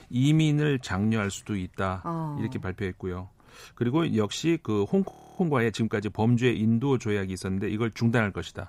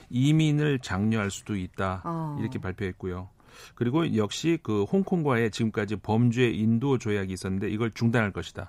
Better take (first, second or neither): second